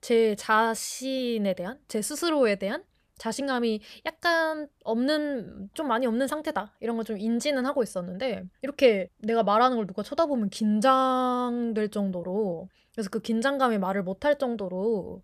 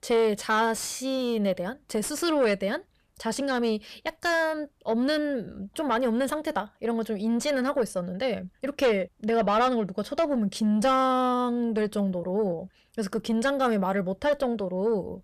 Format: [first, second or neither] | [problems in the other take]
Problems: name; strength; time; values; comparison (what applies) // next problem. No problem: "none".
first | distortion; slight; 10 dB below the speech